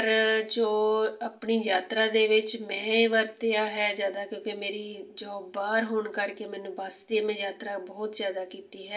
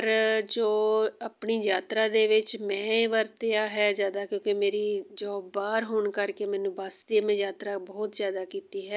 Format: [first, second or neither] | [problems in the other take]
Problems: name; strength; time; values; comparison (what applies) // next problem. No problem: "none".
second | room echo; dies away in 0.4 s